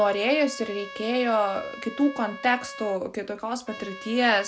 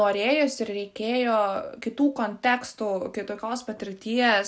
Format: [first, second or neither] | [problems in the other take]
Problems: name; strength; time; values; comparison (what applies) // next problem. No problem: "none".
second | background sound (Trumpet); 15 dB below the speech